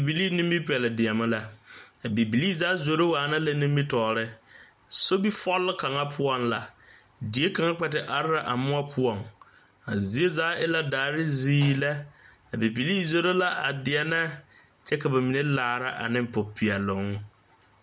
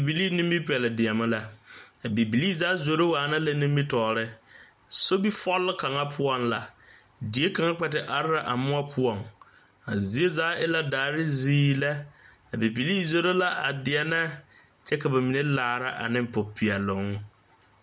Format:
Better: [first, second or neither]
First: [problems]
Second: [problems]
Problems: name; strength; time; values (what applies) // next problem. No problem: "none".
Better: second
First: background sound (Hi-hat); 17 dB below the speech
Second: none